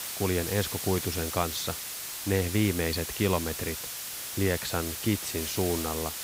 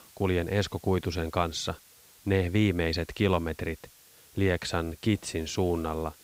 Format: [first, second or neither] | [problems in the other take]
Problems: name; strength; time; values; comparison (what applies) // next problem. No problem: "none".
second | hiss; loud; throughout; 3 dB below the speech; faint in the second